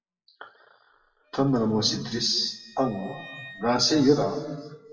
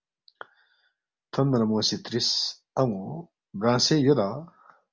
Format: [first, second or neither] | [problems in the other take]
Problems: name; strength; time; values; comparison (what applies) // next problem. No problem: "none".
second | noise reduction (classical method WPE with log-MMSE)